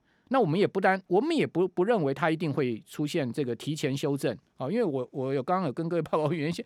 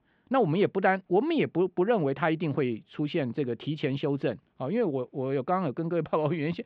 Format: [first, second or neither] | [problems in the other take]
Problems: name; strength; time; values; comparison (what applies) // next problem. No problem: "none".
first | muffled; slightly; fading above 3 kHz